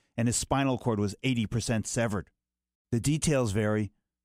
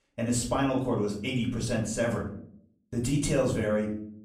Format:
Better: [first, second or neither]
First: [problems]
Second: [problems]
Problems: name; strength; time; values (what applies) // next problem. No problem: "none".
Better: first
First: none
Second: off-mic speech; far // room echo; slight; dies away in 0.5 s